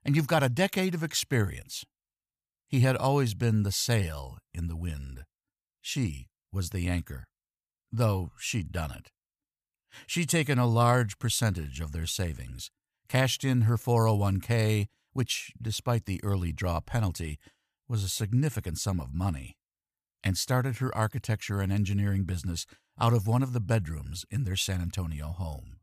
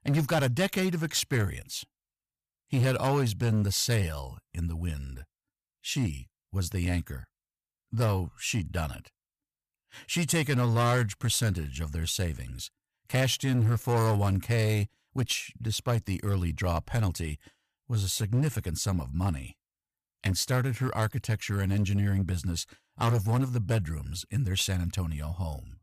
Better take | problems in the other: first | distortion; slight; 6% of the sound clipped

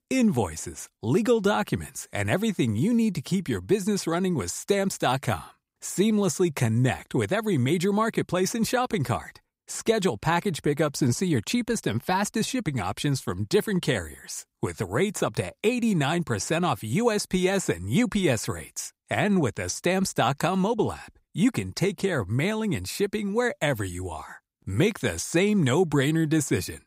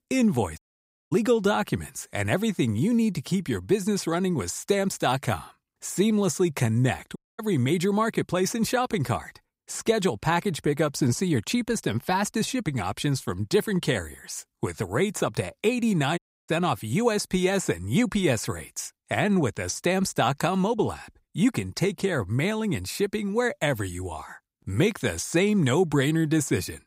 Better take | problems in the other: first | audio cutting out; at 0.5 s for 0.5 s, at 7 s and at 16 s

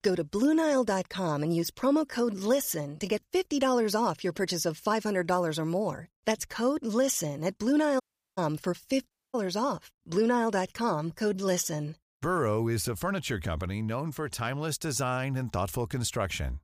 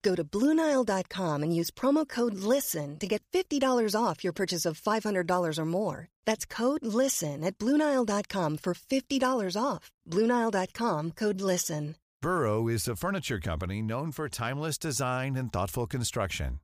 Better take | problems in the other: second | audio cutting out; at 8 s and at 9 s

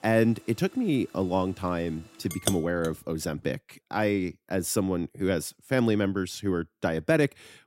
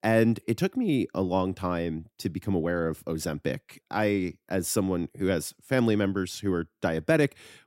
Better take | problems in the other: second | household noises; loud; until 3.5 s; 6 dB below the speech

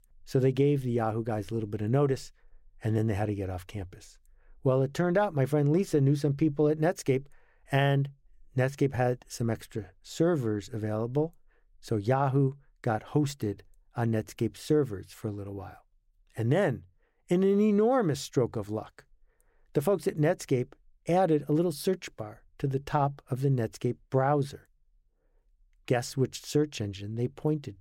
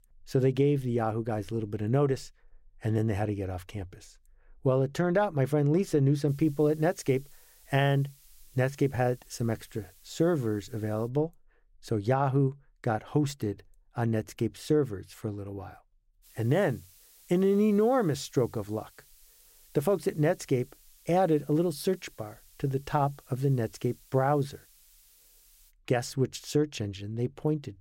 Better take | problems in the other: first | hiss; faint; from 6.5 to 11 s and from 16 to 26 s; 25 dB below the speech

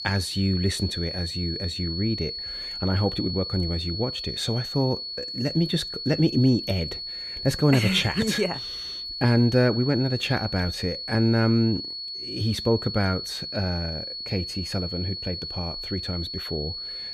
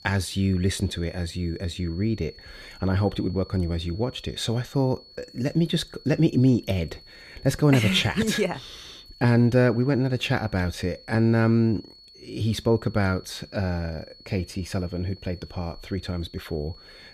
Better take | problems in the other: second | high-pitched whine; loud; throughout; 4.5 kHz, 6 dB below the speech; faint in the second

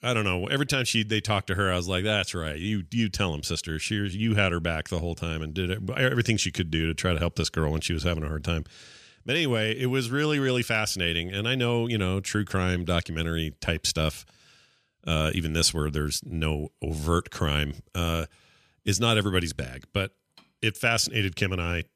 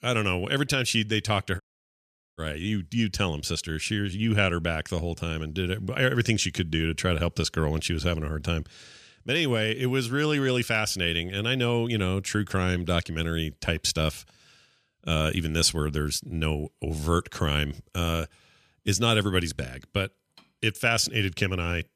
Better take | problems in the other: first | audio cutting out; at 1.5 s for 1 s

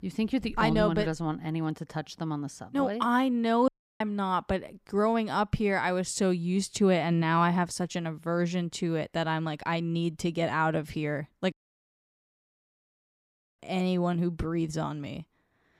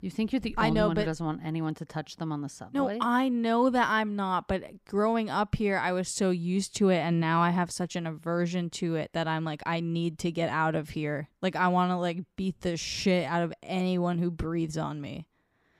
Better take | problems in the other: second | audio cutting out; at 3.5 s and at 12 s for 2 s

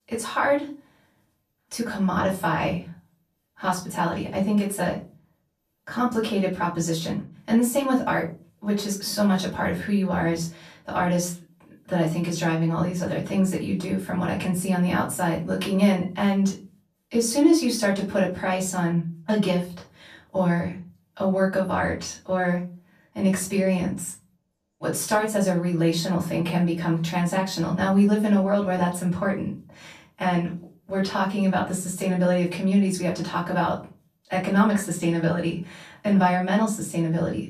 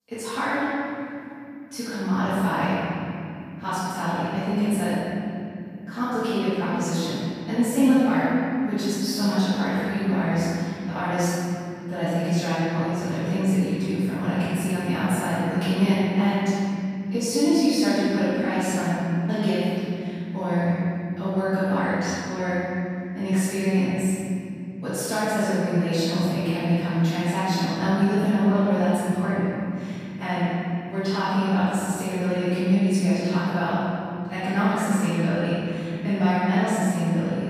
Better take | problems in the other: first | room echo; strong; dies away in 3 s; slight in the first // off-mic speech; far; far in the first

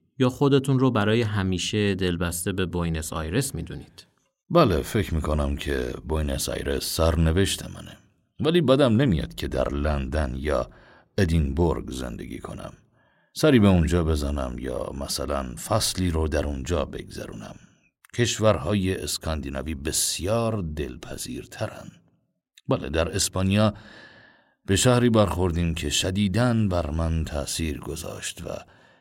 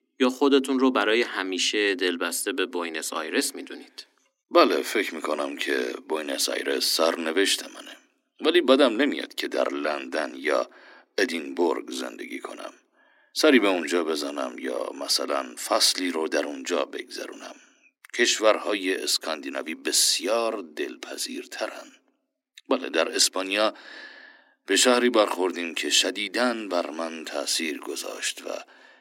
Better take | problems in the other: first | thin; somewhat; fading below 250 Hz

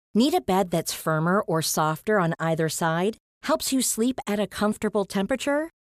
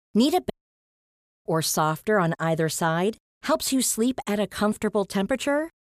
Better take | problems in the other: first | audio cutting out; at 0.5 s for 1 s

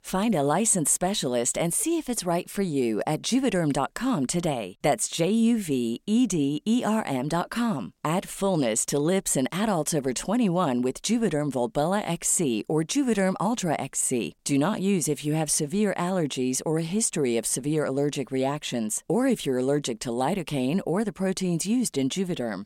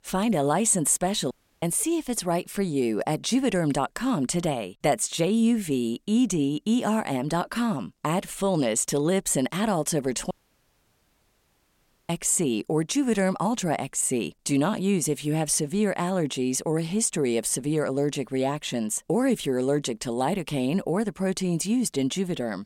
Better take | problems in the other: first | audio cutting out; at 1.5 s and at 10 s for 2 s

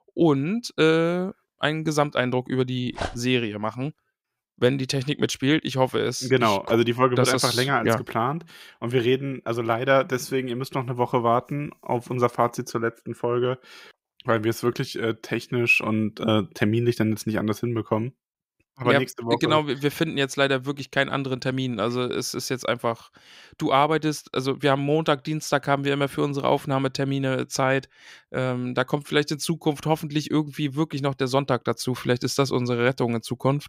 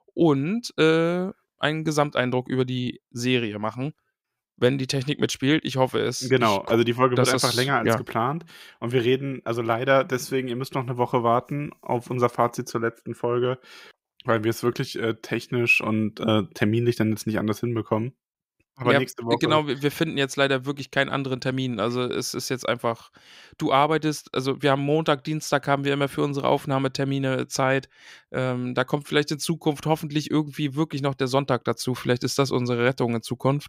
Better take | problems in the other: second | dog barking; noticeable; at 3 s; peak 9 dB below the speech

